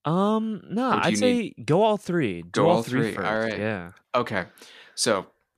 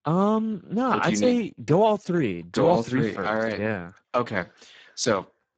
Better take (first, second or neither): first